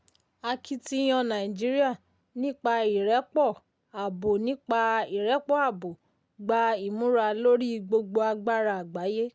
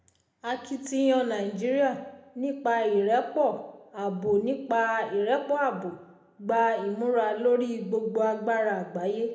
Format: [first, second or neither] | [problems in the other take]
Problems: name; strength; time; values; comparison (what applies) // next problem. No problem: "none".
first | room echo; dies away in 0.7 s